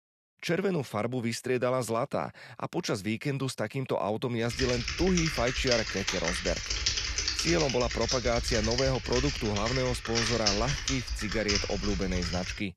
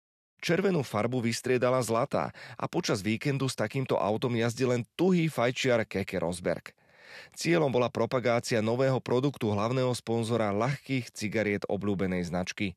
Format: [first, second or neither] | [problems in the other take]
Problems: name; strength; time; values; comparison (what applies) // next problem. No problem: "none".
second | keyboard typing; loud; from 4.5 s on; peak 4 dB above the speech